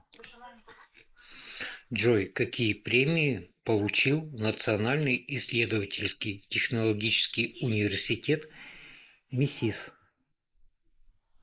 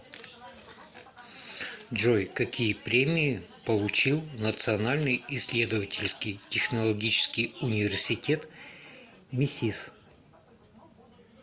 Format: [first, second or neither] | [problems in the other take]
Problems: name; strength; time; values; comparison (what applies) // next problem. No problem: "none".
second | noise reduction (neural mask model Resemble Enhance denoiser)